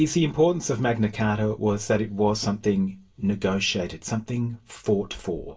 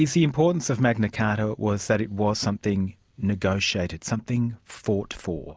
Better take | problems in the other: second | room echo; dies away in 0.2 s

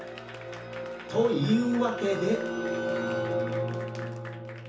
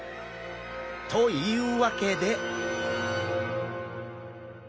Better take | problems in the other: second | background sound (Applause / Crowd); 19 dB below the speech // room echo; dies away in 0.7 s

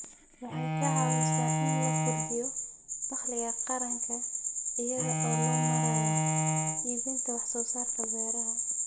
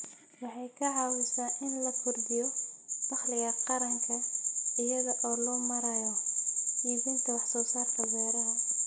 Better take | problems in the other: second | background sound (Bowed string instrument); 1 dB below the speech

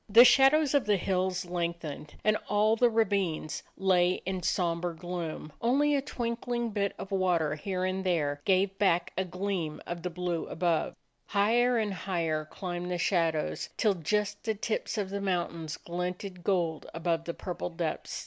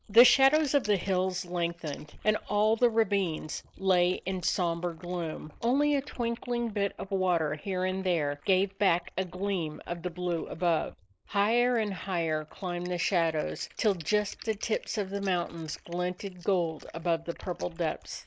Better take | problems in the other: first | noise reduction (neural mask model Resemble Enhance denoiser)

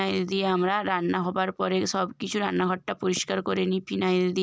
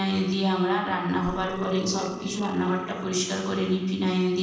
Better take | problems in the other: first | noise reduction (neural separator model SepFormer DNS4)

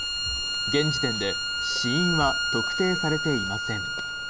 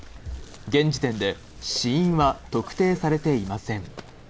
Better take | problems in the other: second | background sound (Bowed string instrument); as loud as the speech

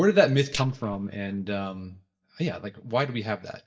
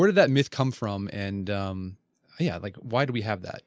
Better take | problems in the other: second | noise reduction (neural mask model DeepFilterNet 3)

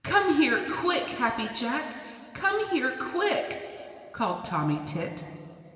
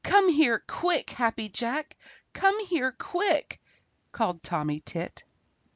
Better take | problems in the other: second | room echo; dies away in 2.6 s

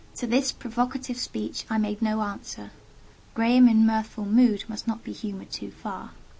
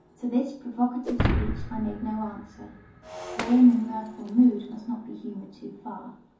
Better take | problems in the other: first | background sound (Shatter); 8 dB below the speech // room echo; dies away in 0.6 s

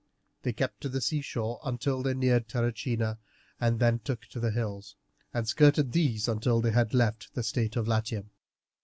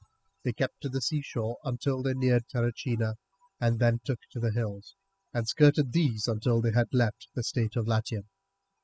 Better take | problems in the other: first | noise reduction (classical method spectral subtraction)

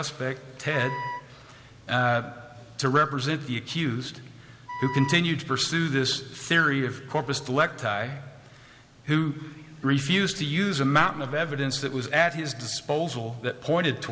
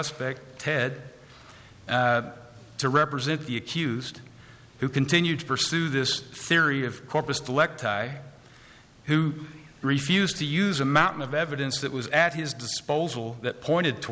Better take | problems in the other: second | background sound (Wind instrument, woodwind instrument); 9 dB below the speech // room echo; dies away in 1.8 s

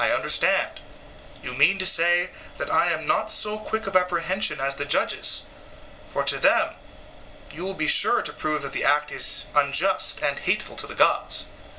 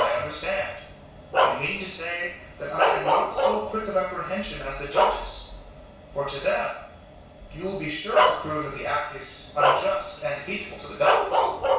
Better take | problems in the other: first | background sound (Bark); 2 dB above the speech // room echo; dies away in 0.6 s

